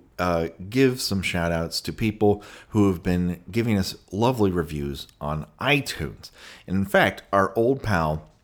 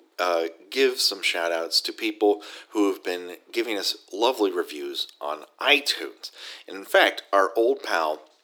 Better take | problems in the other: first | thin; very; fading below 300 Hz

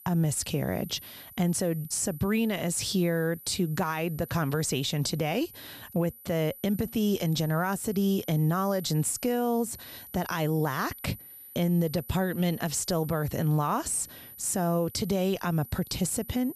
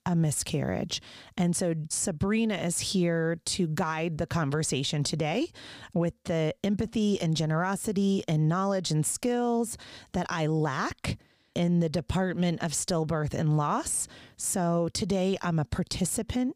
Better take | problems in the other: second | high-pitched whine; noticeable; throughout; 12 kHz, 15 dB below the speech

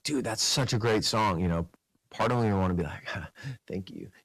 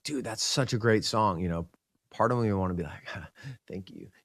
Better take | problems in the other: second | distortion; heavy; 7% of the sound clipped

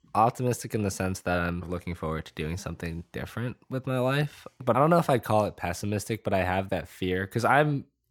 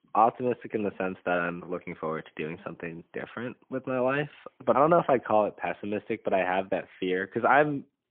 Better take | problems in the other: first | phone-call audio; poor line

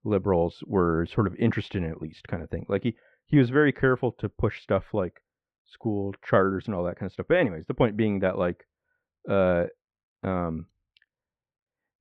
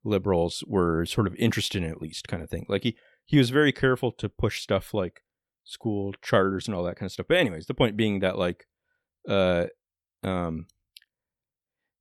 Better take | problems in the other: second | muffled; very; fading above 1.5 kHz

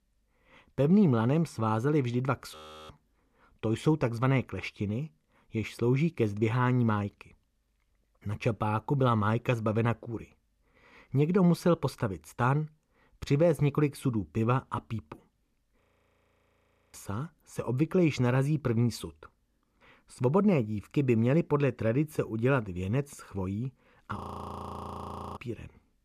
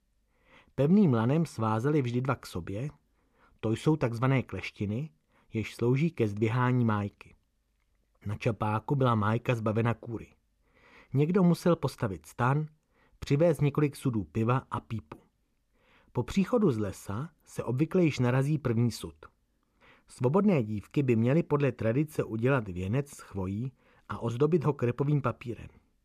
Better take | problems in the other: second | audio freezing; at 2.5 s, at 16 s for 1 s and at 24 s for 1 s

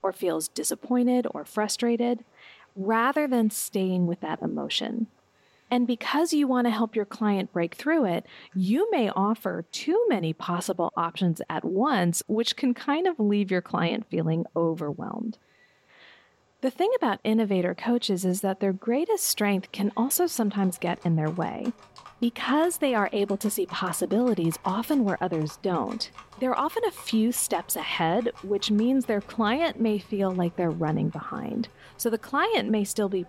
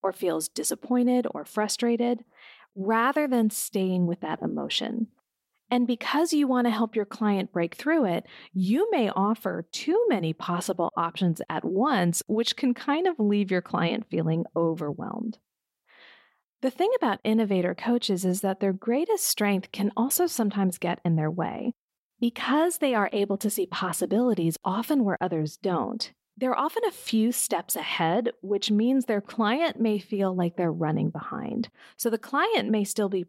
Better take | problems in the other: second | animal sounds; faint; throughout; 25 dB below the speech

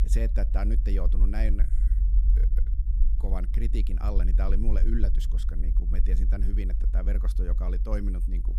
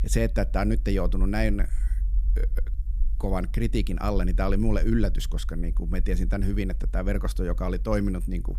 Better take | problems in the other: second | low rumble; loud; throughout; 9 dB below the speech; faint in the second

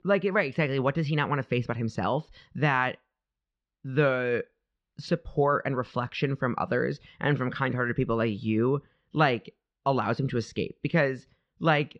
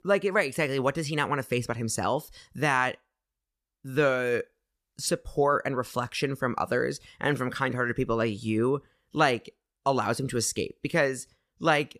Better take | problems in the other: second | muffled; slightly; fading above 4 kHz

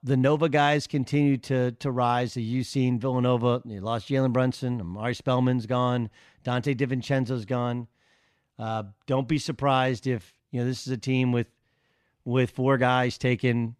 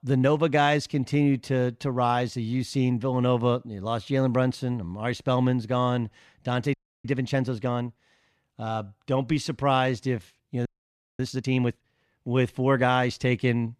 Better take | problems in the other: first | audio freezing; at 6.5 s and at 11 s for 0.5 s

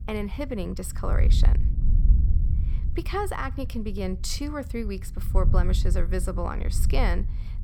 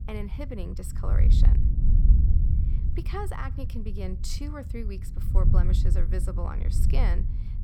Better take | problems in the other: first | wind noise on the microphone; heavy; 4 dB below the speech; occasional gusts in the first

